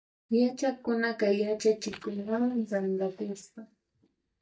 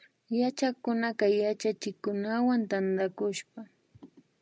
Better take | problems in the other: second | noise reduction (neural mask model DeepFilterNet 3)

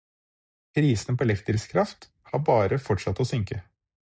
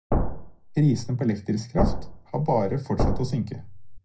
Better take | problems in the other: first | background sound (Thump, thud); as loud as the speech // room echo; dies away in 0.3 s

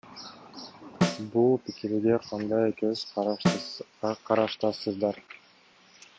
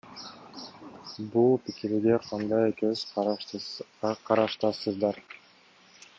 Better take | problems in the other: second | background sound (Snare drum); 6 dB below the speech

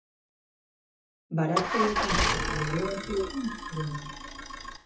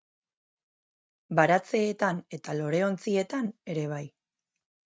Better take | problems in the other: second | noise reduction (classical method WPE with log-MMSE)

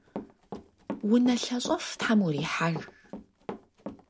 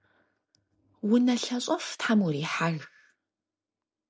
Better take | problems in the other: second | background sound (Run); 13 dB below the speech

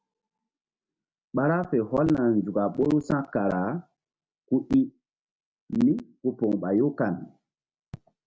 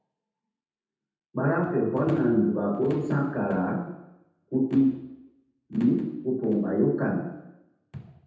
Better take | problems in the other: first | room echo; dies away in 0.9 s

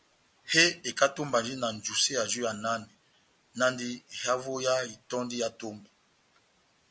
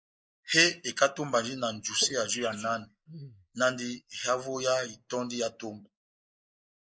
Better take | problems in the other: first | noise reduction (neural mask model Resemble Enhance denoiser)

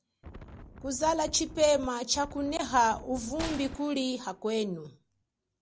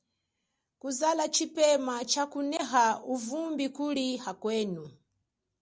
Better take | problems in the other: second | background sound (Wind + Gunshot, gunfire); 14 dB below the speech

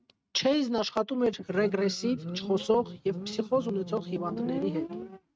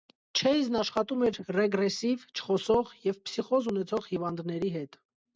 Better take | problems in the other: second | noise reduction (neural mask model RNNoise)

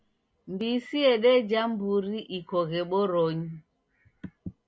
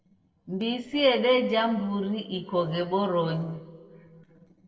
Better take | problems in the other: first | noise reduction (neural separator model SepFormer DNS4)

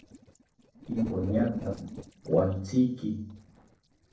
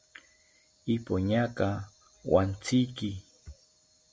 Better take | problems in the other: second | noise reduction (neural separator model SepFormer DNS4)

